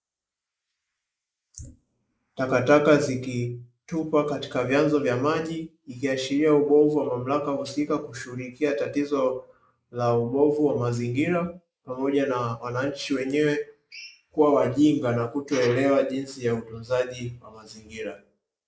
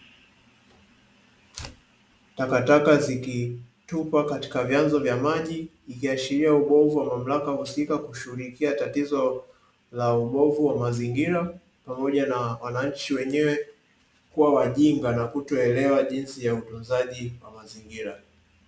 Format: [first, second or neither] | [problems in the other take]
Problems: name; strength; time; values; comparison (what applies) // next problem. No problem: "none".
second | noise reduction (neural mask model Resemble Enhance denoiser)